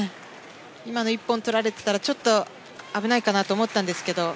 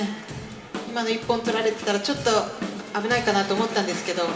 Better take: first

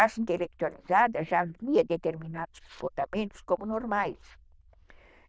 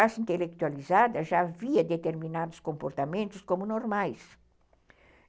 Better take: second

